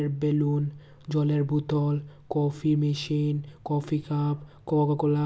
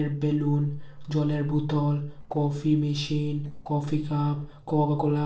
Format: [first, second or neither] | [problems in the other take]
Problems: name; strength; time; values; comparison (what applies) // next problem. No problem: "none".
first | noise reduction (neural separator model SepFormer DNS4)